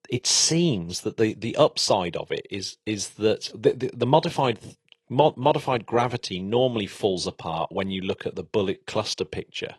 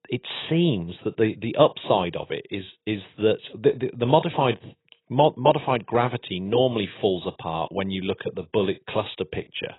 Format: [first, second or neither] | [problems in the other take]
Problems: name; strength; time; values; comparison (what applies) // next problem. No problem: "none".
first | garbled, watery; badly; nothing above 4 kHz; slightly in the first